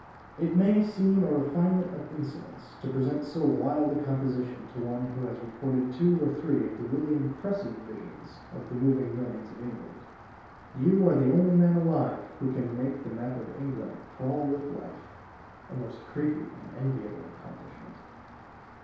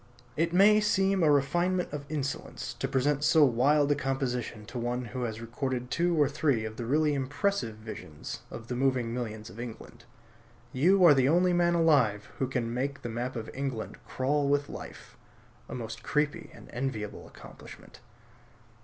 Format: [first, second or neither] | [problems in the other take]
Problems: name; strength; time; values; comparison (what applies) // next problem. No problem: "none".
second | background sound (Rain); 20 dB below the speech // room echo; dies away in 0.8 s